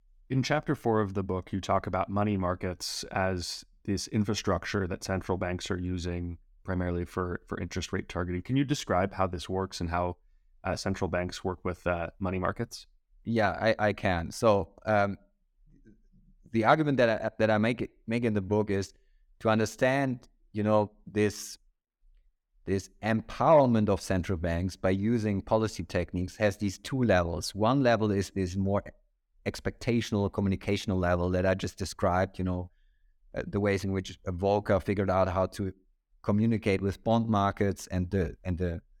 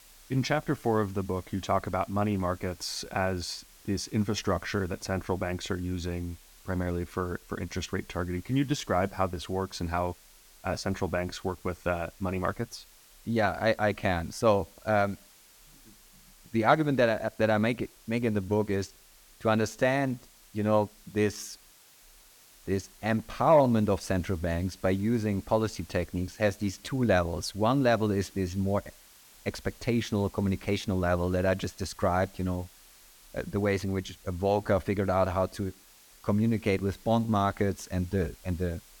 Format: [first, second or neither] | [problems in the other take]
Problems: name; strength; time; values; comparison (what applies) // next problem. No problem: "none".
first | hiss; faint; throughout; 25 dB below the speech